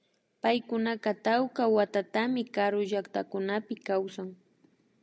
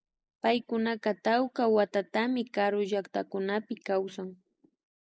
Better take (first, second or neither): first